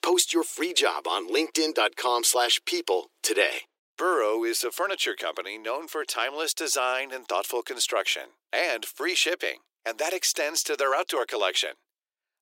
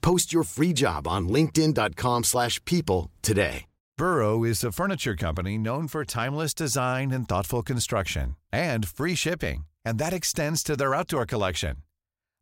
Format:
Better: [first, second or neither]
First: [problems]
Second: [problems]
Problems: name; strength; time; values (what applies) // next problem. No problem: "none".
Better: second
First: thin; very; fading below 350 Hz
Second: none